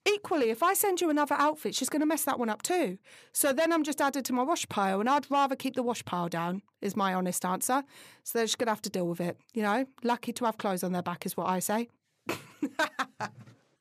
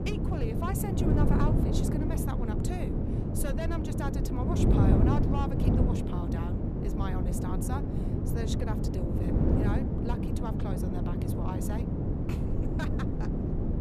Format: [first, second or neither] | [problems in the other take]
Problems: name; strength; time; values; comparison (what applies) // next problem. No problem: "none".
first | wind noise on the microphone; heavy; 3 dB above the speech